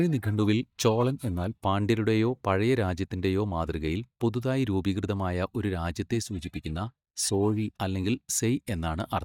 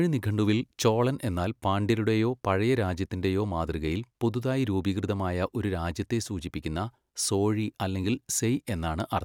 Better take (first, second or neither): second